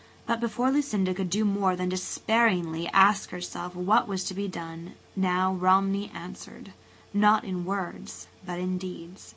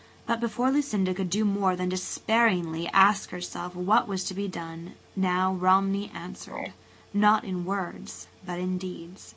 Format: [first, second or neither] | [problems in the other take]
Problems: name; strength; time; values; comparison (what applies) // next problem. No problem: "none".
first | background sound (Frog); 17 dB below the speech